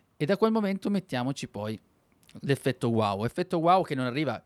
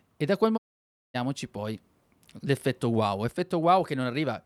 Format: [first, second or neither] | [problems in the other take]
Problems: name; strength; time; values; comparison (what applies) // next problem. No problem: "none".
first | audio cutting out; at 0.5 s for 0.5 s